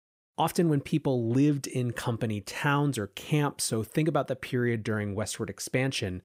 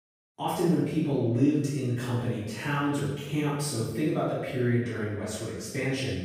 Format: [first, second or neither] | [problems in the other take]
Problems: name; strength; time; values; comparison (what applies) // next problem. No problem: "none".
first | room echo; strong; dies away in 0.9 s // off-mic speech; far